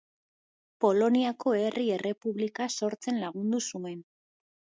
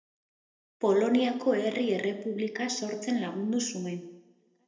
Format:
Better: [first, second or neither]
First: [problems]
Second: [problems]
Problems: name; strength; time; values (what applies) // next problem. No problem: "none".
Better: first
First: none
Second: room echo; dies away in 0.9 s